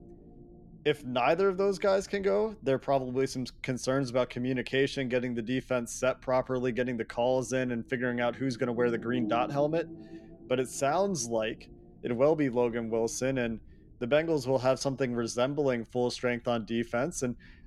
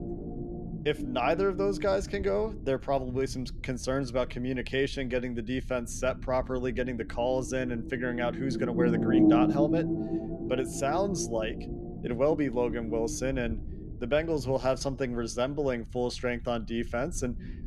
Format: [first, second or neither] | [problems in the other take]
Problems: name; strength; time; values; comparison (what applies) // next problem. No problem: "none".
first | low rumble; loud; throughout; 5 dB below the speech; faint in the first